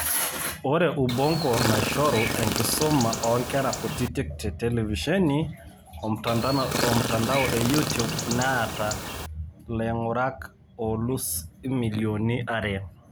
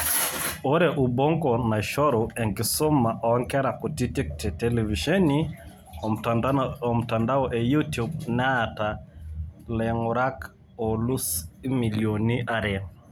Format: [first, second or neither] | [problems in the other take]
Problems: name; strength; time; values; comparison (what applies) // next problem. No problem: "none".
second | background sound (Chirp, tweet); 3 dB below the speech